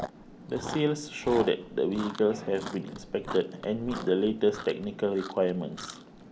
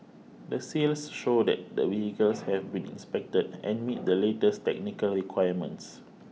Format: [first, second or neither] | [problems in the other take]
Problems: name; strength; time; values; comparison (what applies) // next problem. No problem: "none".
second | background sound (Chewing, mastication); 13 dB below the speech